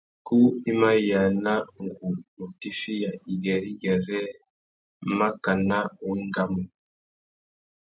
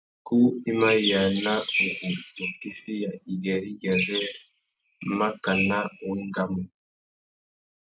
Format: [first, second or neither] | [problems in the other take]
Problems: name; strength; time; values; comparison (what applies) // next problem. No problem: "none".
first | noise reduction (neural mask model RNNoise)